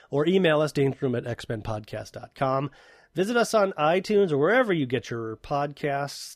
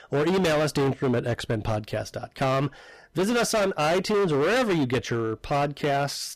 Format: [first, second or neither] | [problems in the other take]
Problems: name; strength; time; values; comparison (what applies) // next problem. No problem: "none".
first | distortion; heavy; 22% of the sound clipped